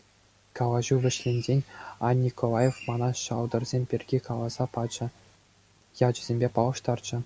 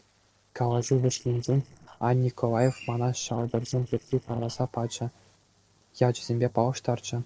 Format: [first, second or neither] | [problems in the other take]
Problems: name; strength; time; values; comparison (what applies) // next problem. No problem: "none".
first | noise reduction (neural separator model SepFormer DNS4)